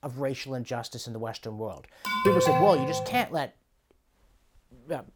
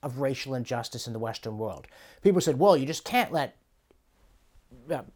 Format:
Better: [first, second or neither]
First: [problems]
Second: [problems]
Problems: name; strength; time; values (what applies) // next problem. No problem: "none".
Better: second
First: alarm; loud; from 2 to 3 s; peak 6 dB above the speech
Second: none